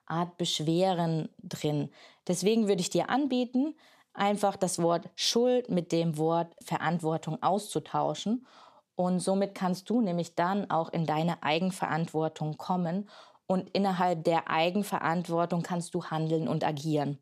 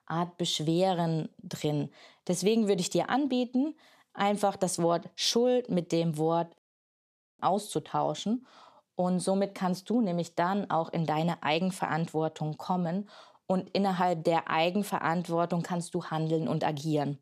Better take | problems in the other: first | audio cutting out; at 6.5 s for 1 s

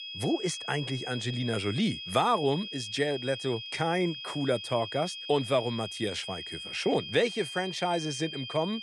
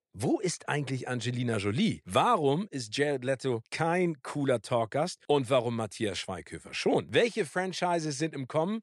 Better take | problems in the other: second | high-pitched whine; loud; throughout; 3.5 kHz, 7 dB below the speech

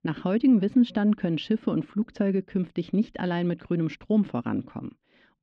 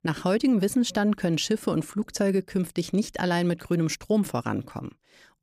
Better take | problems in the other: second | muffled; slightly; fading above 3.5 kHz

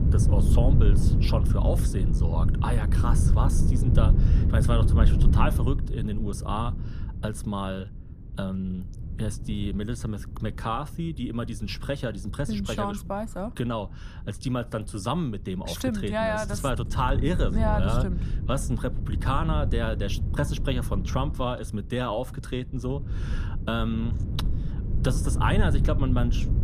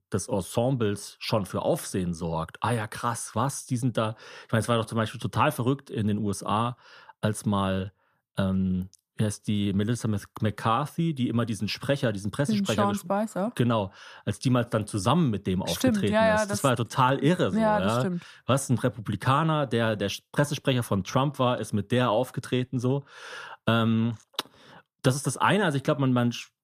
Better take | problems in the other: second | wind noise on the microphone; heavy; 8 dB below the speech

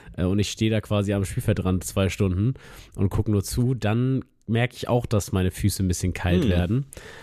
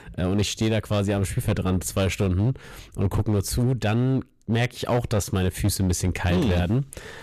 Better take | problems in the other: first | distortion; slight; 11% of the sound clipped

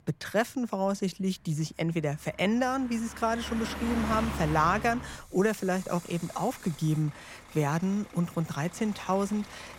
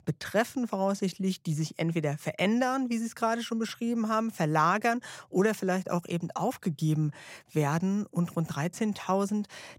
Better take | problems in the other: second | traffic noise; noticeable; throughout; 10 dB below the speech

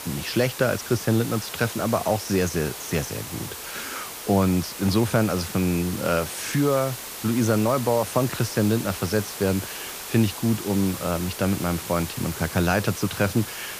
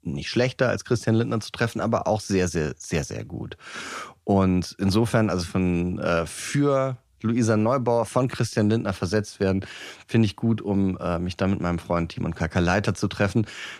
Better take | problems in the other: second | hiss; loud; throughout; 9 dB below the speech

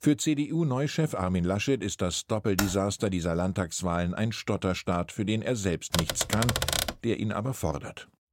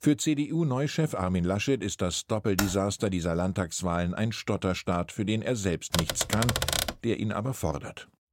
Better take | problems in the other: neither | keyboard typing; noticeable; at 2.5 s; peak 3 dB below the speech; the same in both // keyboard typing; loud; at 6 s; peak 3 dB above the speech; the same in both

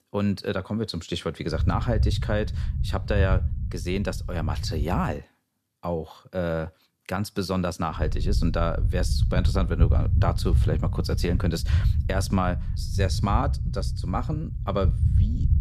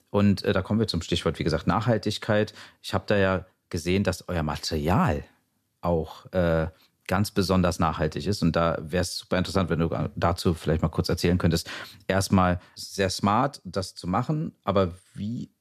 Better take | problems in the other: second | low rumble; noticeable; from 1.5 to 5 s and from 8 s on; 10 dB below the speech

